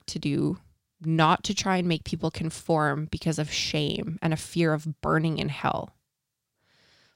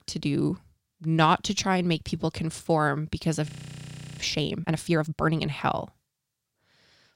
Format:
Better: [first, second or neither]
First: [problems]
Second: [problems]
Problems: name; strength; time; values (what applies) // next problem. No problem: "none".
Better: first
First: none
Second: audio freezing; at 3.5 s for 0.5 s